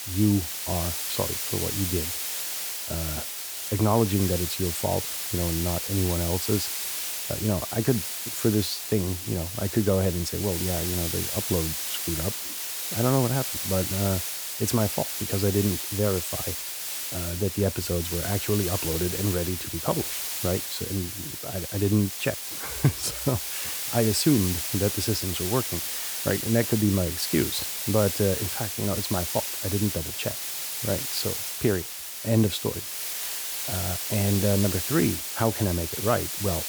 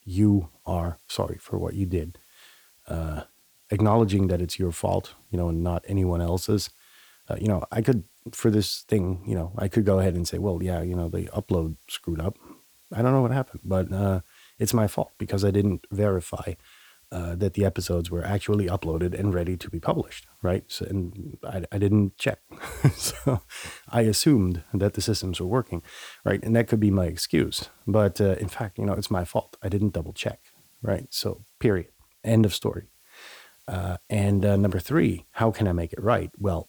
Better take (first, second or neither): second